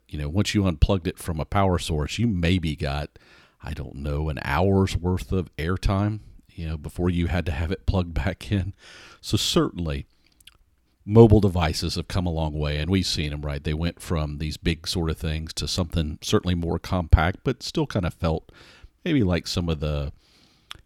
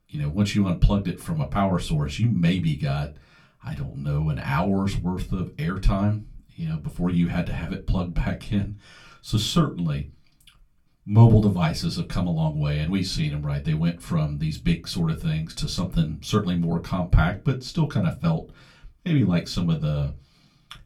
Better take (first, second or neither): first